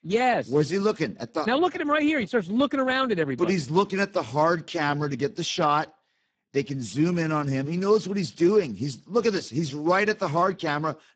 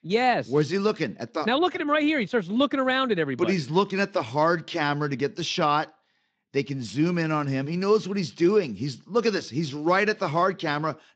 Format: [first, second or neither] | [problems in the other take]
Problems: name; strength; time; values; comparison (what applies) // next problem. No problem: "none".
second | garbled, watery; badly; nothing above 7.5 kHz; slightly in the second